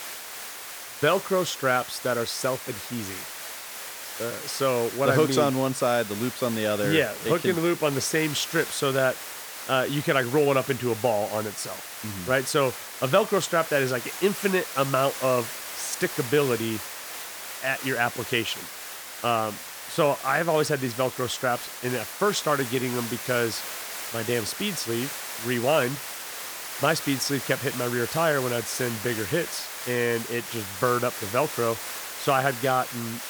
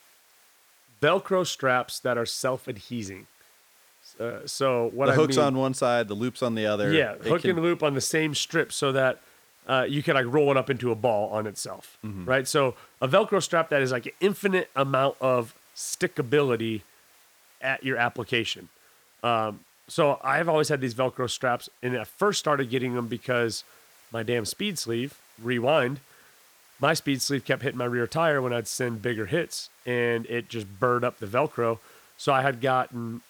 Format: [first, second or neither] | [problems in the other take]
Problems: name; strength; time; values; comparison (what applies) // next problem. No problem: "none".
second | hiss; loud; throughout; 8 dB below the speech; faint in the second